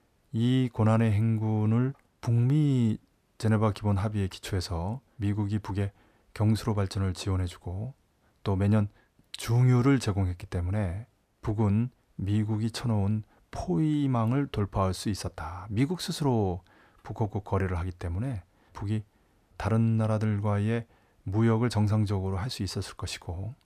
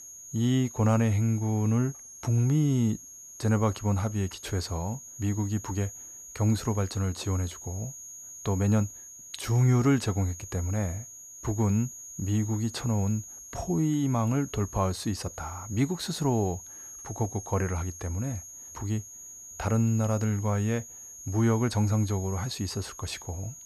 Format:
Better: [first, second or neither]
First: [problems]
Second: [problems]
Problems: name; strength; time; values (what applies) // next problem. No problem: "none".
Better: first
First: none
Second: high-pitched whine; noticeable; throughout; 6.5 kHz, 15 dB below the speech